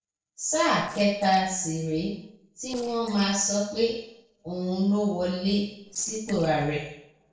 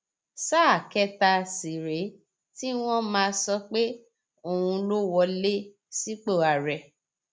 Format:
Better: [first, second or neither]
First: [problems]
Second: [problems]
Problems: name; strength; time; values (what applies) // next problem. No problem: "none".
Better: second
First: noise reduction (neural separator model SepFormer DNS4)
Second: none